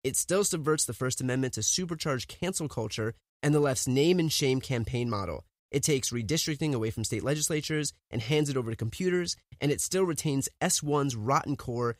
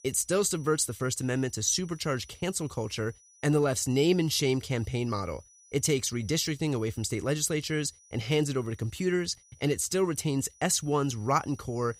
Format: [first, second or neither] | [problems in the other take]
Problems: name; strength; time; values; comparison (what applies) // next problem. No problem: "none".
first | high-pitched whine; faint; throughout; 6 kHz, 25 dB below the speech